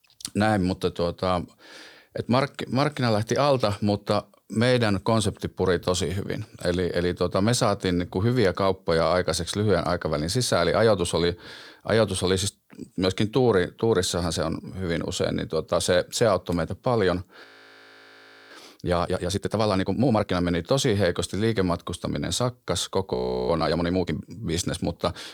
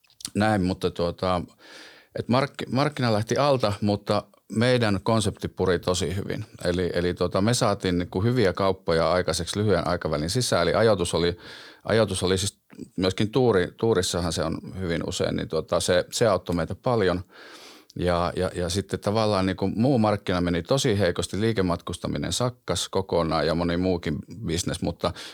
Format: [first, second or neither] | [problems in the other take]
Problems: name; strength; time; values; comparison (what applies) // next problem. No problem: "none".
second | audio freezing; at 17 s for 1 s and at 23 s